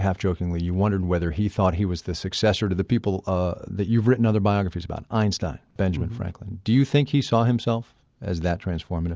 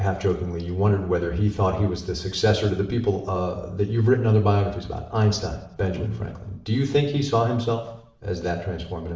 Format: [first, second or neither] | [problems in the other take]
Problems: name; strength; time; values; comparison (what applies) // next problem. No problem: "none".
first | room echo; dies away in 0.7 s